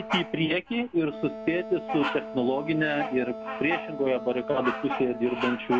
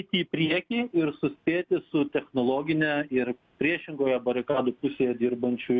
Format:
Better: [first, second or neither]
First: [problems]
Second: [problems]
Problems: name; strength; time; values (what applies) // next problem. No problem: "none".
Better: second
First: background sound (Bird vocalization, bird call, bird song + Wind instrument, woodwind instrument); 7 dB below the speech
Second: none